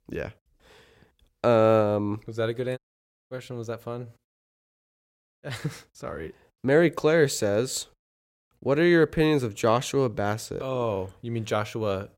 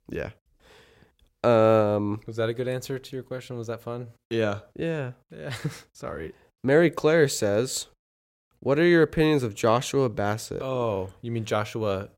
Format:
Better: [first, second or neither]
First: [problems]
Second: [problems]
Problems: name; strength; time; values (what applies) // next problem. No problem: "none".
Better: second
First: audio cutting out; at 3 s for 0.5 s and at 4.5 s for 1 s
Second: none